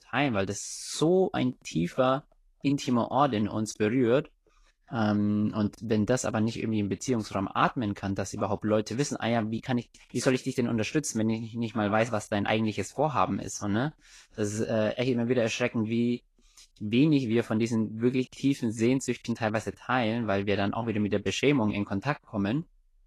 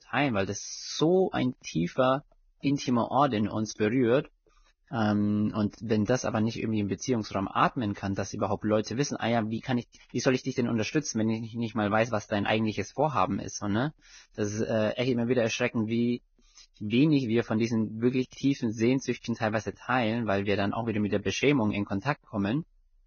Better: first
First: garbled, watery; slightly; nothing above 11.5 kHz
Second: garbled, watery; badly; nothing above 6.5 kHz

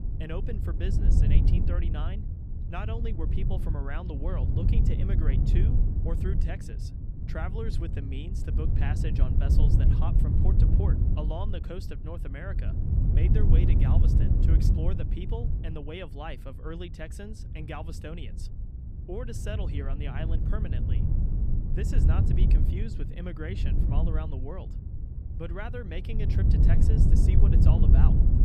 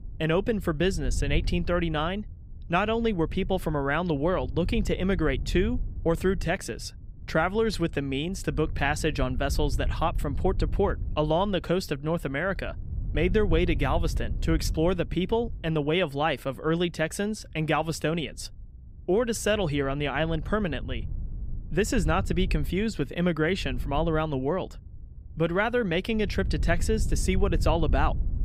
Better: second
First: wind noise on the microphone; heavy; as loud as the speech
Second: wind noise on the microphone; occasional gusts; 20 dB below the speech

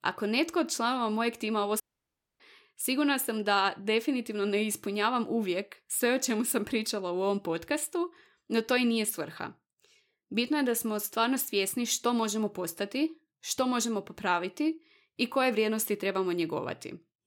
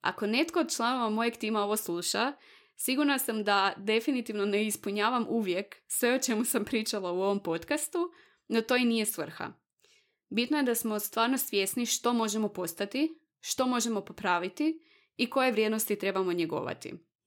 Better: second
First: audio cutting out; at 2 s for 0.5 s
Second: none

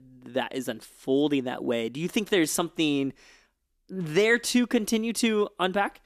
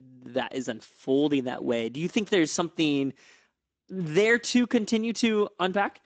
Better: first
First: none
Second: garbled, watery; slightly; nothing above 7.5 kHz

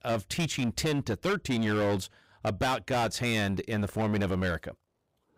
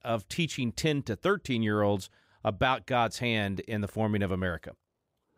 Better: second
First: distortion; heavy; 16% of the sound clipped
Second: none

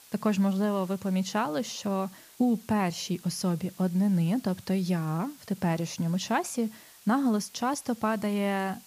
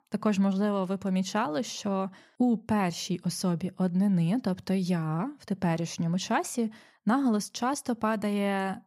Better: second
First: hiss; faint; throughout; 20 dB below the speech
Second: none

